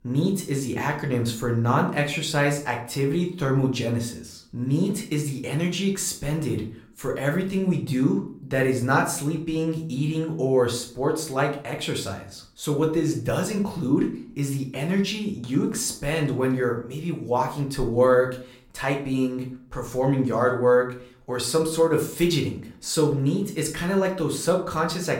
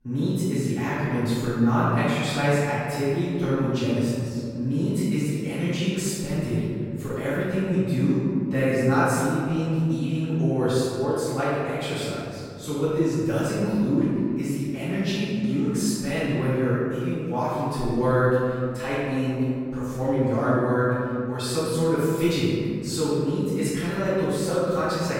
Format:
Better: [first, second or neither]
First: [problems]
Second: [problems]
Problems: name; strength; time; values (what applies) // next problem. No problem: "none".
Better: first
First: room echo; slight; dies away in 0.4 s // off-mic speech; somewhat distant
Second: room echo; strong; dies away in 2.4 s // off-mic speech; far